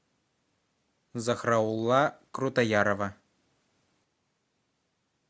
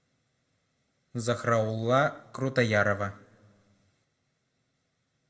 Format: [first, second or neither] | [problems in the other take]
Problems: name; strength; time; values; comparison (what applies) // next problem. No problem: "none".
first | room echo; dies away in 0.6 s